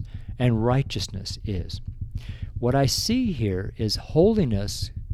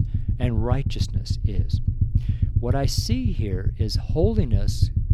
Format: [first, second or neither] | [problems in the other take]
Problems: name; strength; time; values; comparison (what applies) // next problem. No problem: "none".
first | low rumble; loud; throughout; 9 dB below the speech; faint in the first